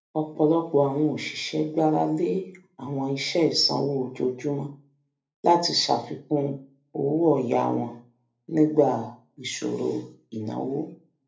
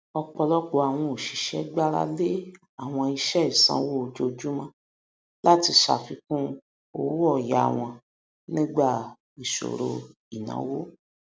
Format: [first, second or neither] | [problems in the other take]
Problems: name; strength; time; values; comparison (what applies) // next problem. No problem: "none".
second | room echo; dies away in 0.3 s